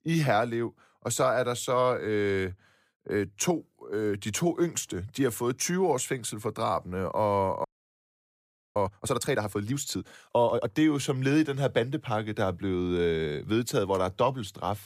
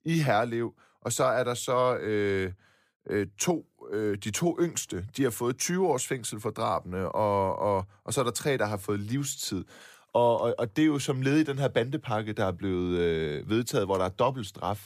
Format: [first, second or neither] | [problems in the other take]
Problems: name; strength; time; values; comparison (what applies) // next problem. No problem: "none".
second | audio freezing; at 7.5 s for 1 s